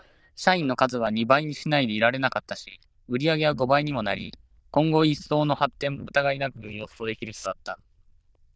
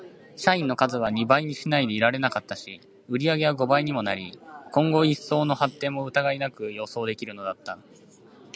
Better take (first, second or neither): second